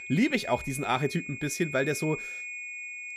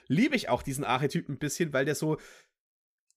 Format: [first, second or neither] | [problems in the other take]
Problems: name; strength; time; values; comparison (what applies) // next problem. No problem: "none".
second | high-pitched whine; loud; throughout; 2.5 kHz, 8 dB below the speech